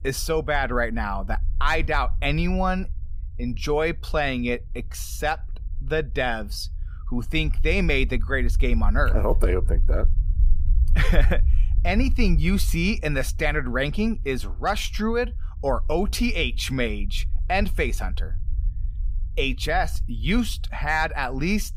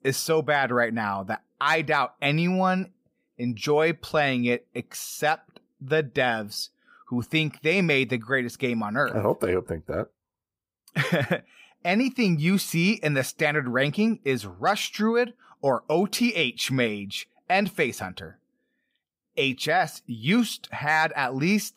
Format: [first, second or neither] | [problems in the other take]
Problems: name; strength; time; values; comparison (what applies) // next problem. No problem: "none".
second | low rumble; faint; throughout; 25 dB below the speech